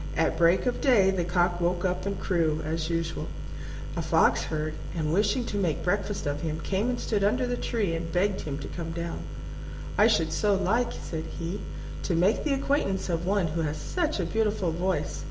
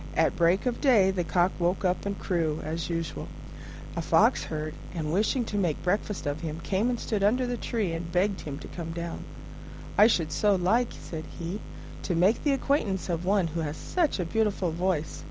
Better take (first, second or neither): second